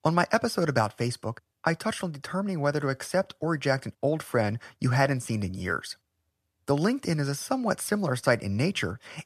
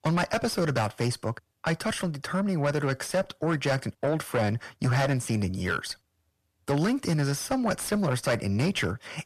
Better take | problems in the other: first | distortion; heavy; 7 dB below the speech

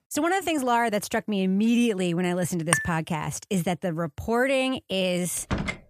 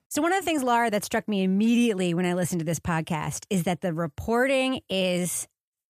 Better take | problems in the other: second | clattering dishes; loud; at 2.5 s; peak level with the speech // door banging; noticeable; at 5.5 s; peak 4 dB below the speech

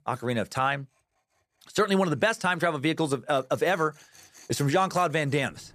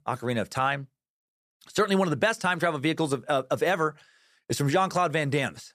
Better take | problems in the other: second | machinery noise; faint; throughout; 25 dB below the speech

